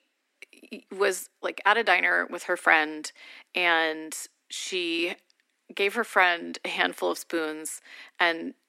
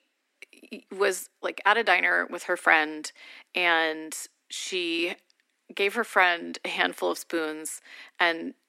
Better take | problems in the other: neither | thin; somewhat; fading below 250 Hz; the same in both

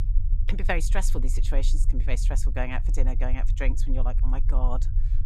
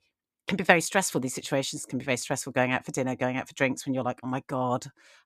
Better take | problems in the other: second | low rumble; noticeable; throughout; 15 dB below the speech

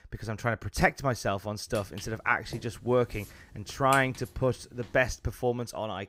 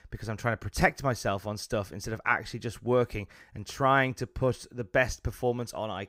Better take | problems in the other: second | footsteps; noticeable; from 2 to 5 s; peak 9 dB below the speech

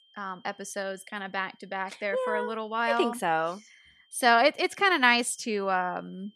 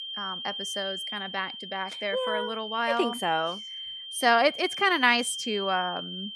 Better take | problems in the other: first | high-pitched whine; loud; throughout; 3 kHz, 7 dB below the speech; faint in the first

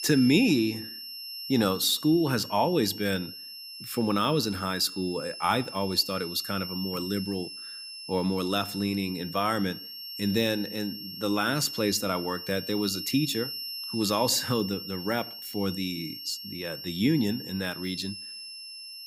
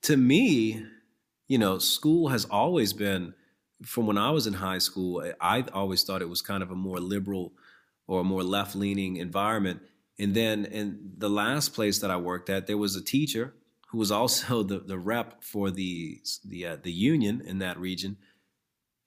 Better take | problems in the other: second | high-pitched whine; loud; throughout; 5.5 kHz, 9 dB below the speech

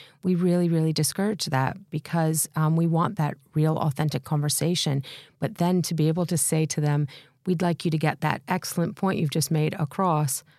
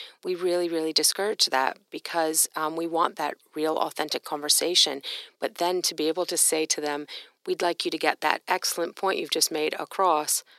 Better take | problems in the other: first | thin; very; fading below 350 Hz

